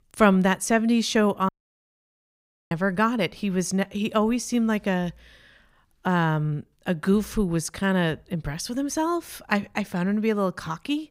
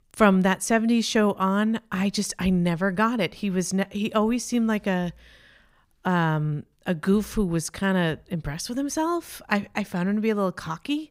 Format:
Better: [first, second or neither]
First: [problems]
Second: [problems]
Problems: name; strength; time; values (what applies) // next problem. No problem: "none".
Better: second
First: audio cutting out; at 1.5 s for 1 s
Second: none